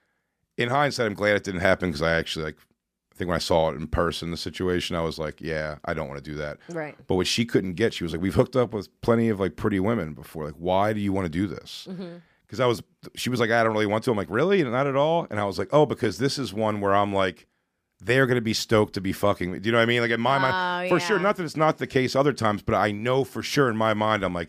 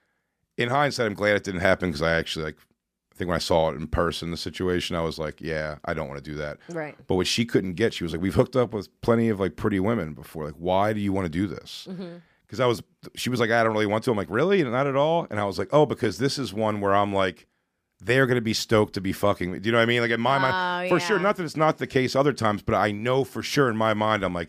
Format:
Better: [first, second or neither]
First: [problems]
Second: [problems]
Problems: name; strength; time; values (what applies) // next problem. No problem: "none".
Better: neither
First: none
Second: none